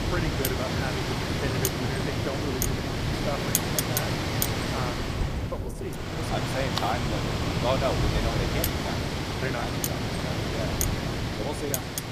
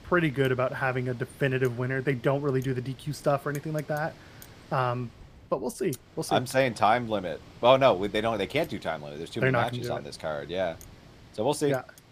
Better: second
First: wind noise on the microphone; heavy; 4 dB above the speech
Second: wind noise on the microphone; occasional gusts; 25 dB below the speech

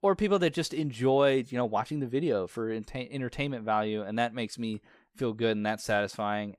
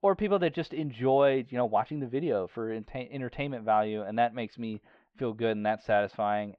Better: first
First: none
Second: muffled; very; fading above 3.5 kHz

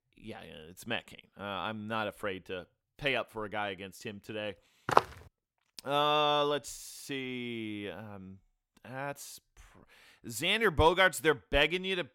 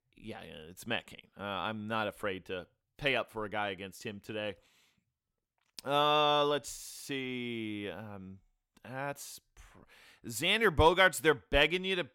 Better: second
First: footsteps; loud; at 5 s; peak 3 dB above the speech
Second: none

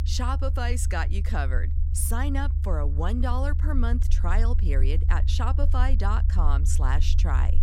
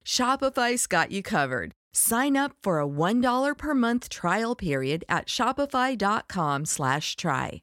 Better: second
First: low rumble; noticeable; throughout; 10 dB below the speech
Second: none

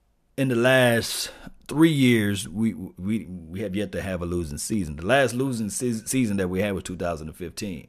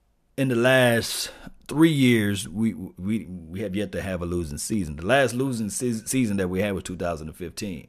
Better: neither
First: none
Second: none

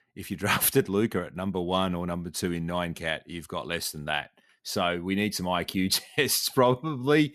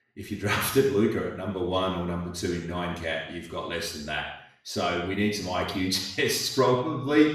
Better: first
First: none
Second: room echo; noticeable; dies away in 0.7 s // off-mic speech; far

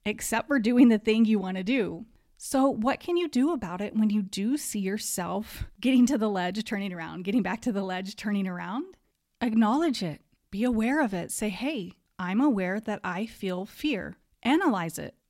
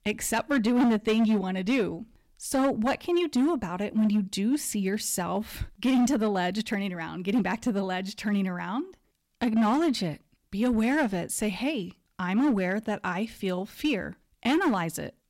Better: first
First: none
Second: distortion; slight; 7% of the sound clipped

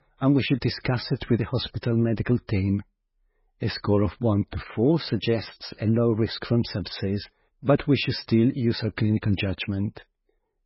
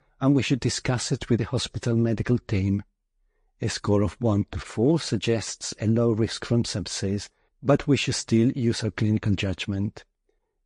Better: second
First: garbled, watery; badly; nothing above 5.5 kHz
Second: garbled, watery; slightly; nothing above 8.5 kHz

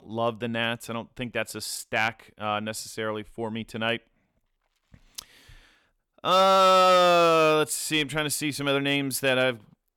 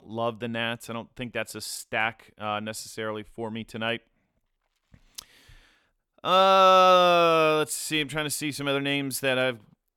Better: second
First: distortion; slight; 3% of the sound clipped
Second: none

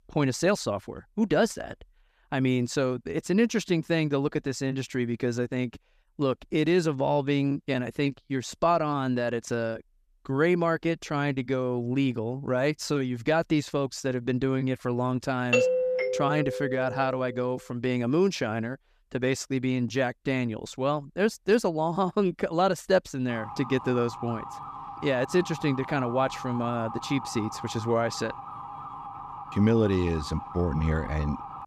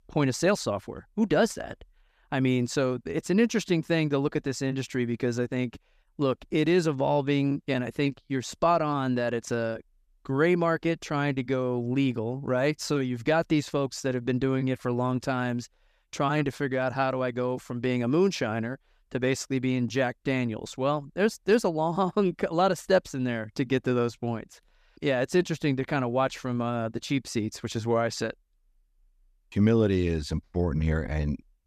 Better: second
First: doorbell; loud; from 16 to 17 s; peak 4 dB above the speech // siren; faint; from 23 s on; peak 10 dB below the speech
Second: none

